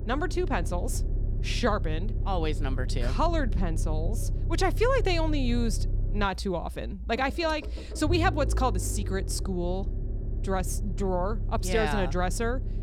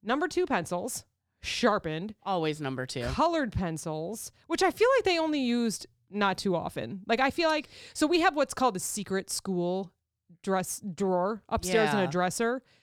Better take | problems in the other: second | low rumble; noticeable; throughout; 15 dB below the speech

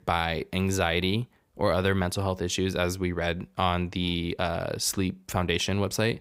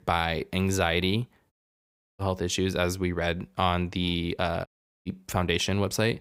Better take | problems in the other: first | audio cutting out; at 1.5 s for 0.5 s and at 4.5 s

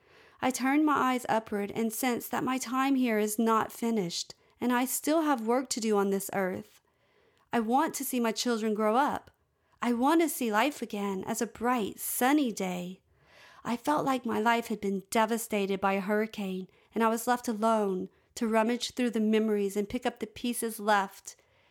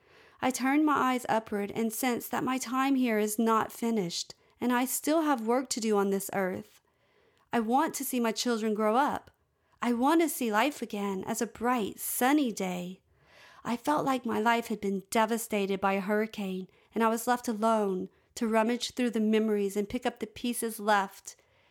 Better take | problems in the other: neither | none

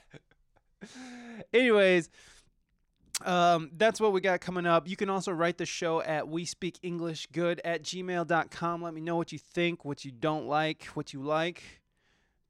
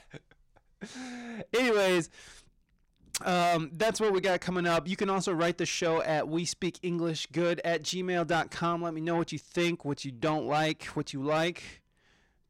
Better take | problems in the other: first | distortion; heavy; 7 dB below the speech

